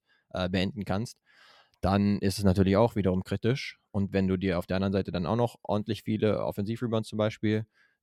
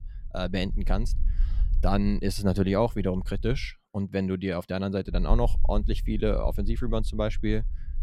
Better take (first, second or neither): first